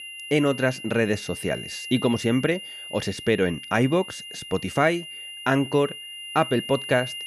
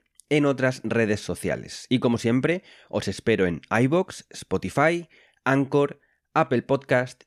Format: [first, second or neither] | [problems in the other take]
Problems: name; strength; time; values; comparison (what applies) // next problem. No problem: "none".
second | high-pitched whine; noticeable; throughout; 3 kHz, 10 dB below the speech